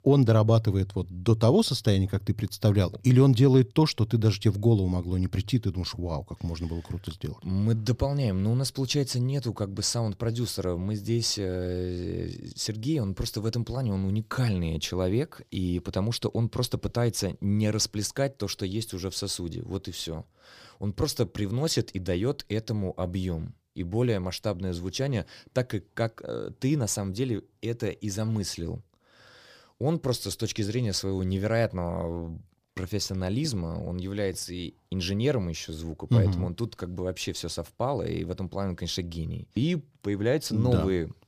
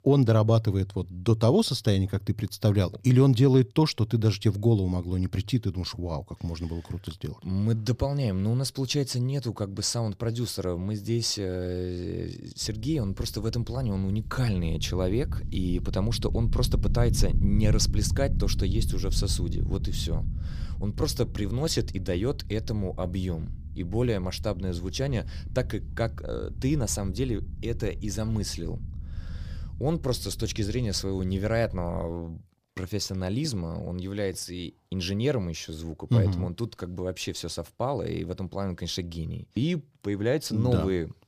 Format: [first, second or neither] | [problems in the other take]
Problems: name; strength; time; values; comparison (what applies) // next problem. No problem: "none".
first | low rumble; noticeable; from 13 to 32 s; 15 dB below the speech